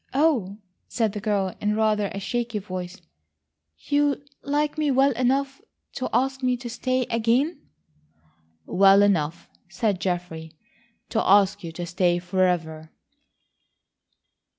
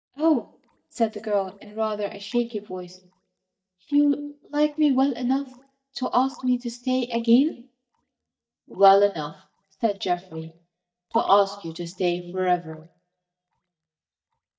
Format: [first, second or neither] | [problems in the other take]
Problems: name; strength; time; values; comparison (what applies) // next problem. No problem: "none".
first | noise reduction (neural mask model DeepFilterNet 3)